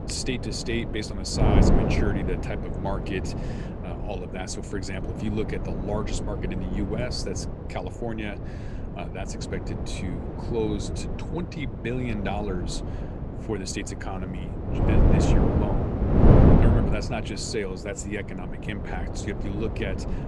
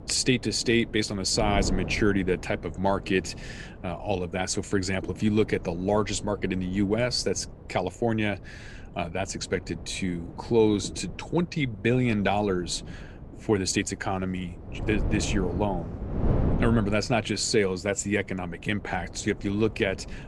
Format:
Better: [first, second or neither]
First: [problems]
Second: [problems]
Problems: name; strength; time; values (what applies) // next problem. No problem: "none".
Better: second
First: wind noise on the microphone; heavy; as loud as the speech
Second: wind noise on the microphone; occasional gusts; 15 dB below the speech